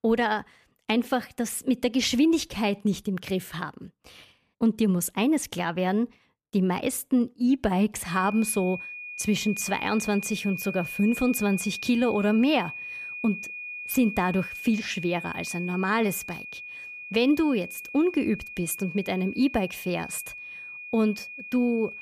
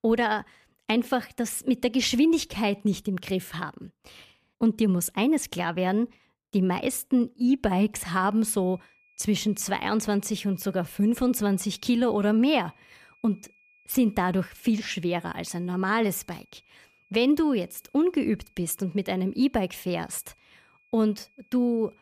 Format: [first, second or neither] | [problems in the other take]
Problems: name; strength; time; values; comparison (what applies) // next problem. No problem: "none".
second | high-pitched whine; loud; from 8 s on; 2.5 kHz, 10 dB below the speech; faint in the second